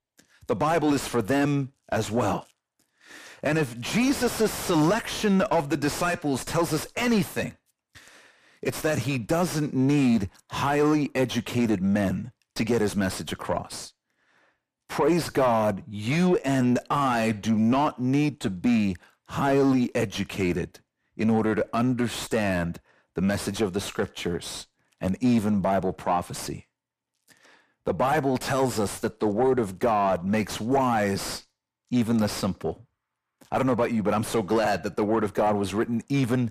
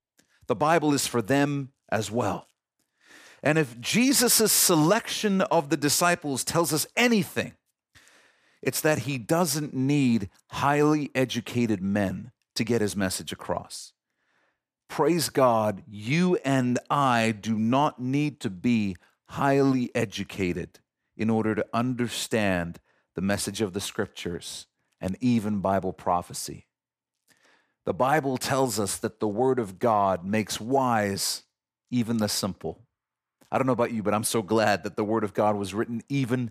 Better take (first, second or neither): second